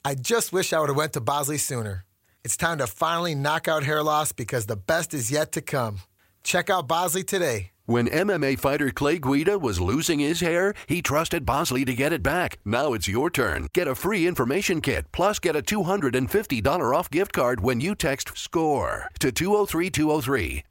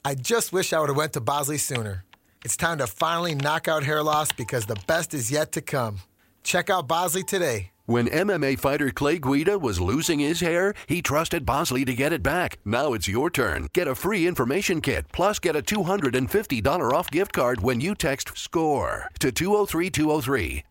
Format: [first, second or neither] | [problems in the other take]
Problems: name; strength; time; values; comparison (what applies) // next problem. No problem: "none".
first | household noises; noticeable; throughout; 15 dB below the speech